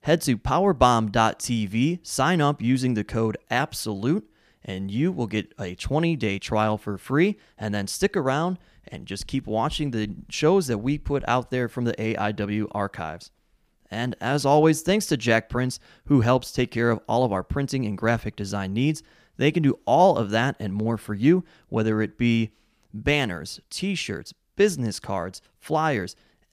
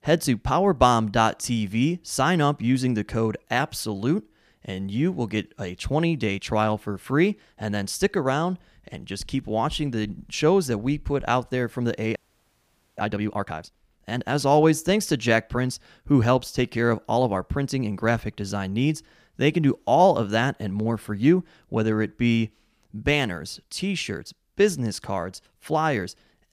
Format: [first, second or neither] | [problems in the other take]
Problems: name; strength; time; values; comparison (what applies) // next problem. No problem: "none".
first | audio freezing; at 12 s for 1 s